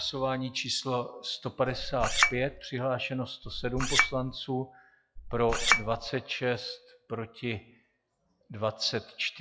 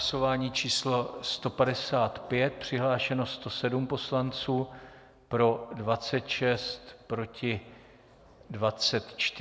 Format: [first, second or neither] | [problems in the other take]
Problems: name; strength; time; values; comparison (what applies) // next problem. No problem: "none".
second | noise reduction (classical method log-MMSE)